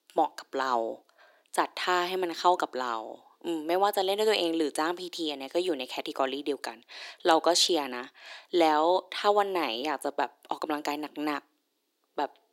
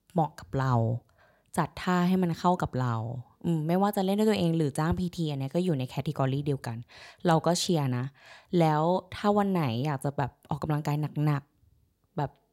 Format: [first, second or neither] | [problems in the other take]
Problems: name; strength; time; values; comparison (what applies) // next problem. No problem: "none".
second | thin; very; fading below 300 Hz